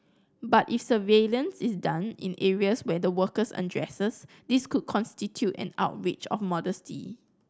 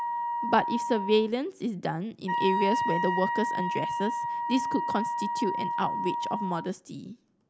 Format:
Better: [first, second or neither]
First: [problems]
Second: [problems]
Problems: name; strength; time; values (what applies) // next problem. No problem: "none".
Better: first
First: none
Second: background sound (Wind instrument, woodwind instrument); 1 dB below the speech